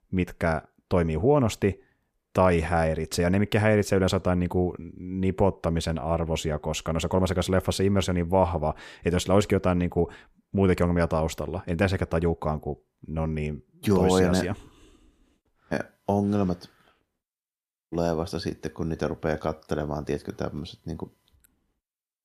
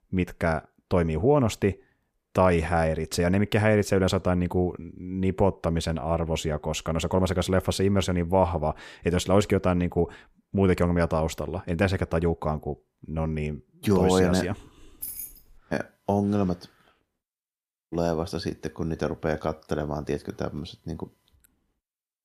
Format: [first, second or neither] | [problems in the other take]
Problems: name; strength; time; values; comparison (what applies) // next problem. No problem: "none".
first | jangling keys; noticeable; at 15 s; peak 8 dB below the speech